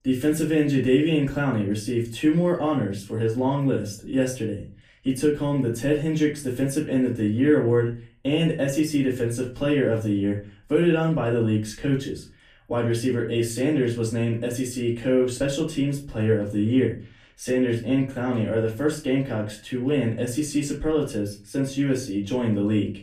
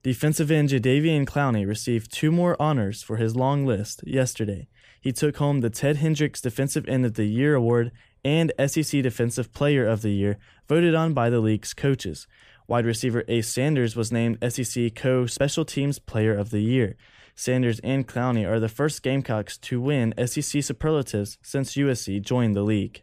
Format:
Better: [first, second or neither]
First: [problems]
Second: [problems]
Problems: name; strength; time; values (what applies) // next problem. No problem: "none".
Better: second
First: off-mic speech; far // room echo; slight; dies away in 0.3 s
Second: none